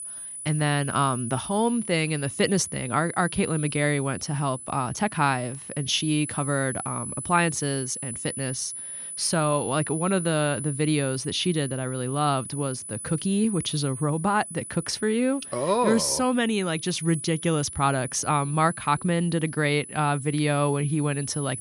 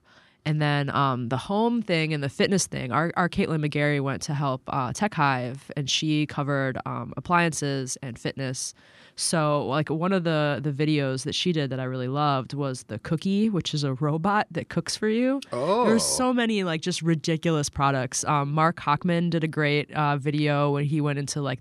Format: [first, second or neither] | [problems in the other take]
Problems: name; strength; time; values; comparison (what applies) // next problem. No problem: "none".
second | high-pitched whine; loud; throughout; 10 kHz, 9 dB below the speech